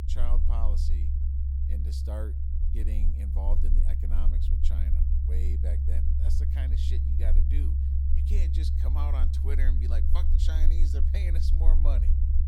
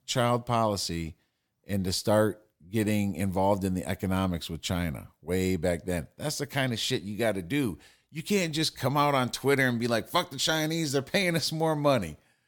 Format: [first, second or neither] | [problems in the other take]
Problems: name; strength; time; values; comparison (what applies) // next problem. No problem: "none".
second | low rumble; loud; throughout; 1 dB below the speech